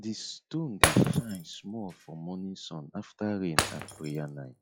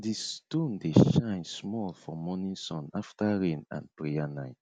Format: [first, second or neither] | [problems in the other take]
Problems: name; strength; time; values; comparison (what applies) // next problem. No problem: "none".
second | noise reduction (classical method log-MMSE)